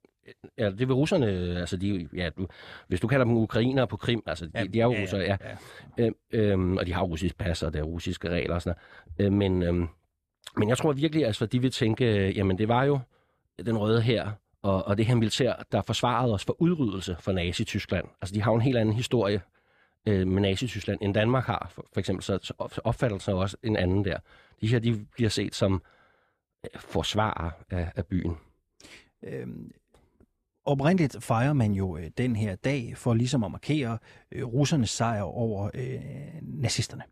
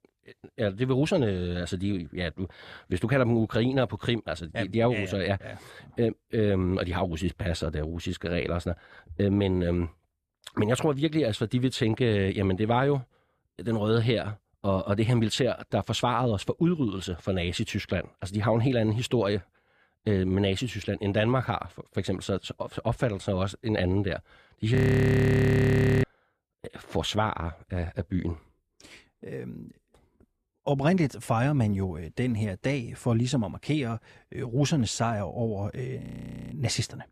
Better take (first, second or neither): first